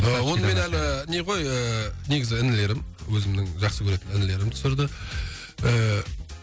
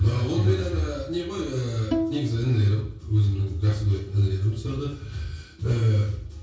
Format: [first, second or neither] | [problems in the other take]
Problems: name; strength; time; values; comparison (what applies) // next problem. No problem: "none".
first | background sound (Bowed string instrument); 7 dB below the speech // room echo; dies away in 0.6 s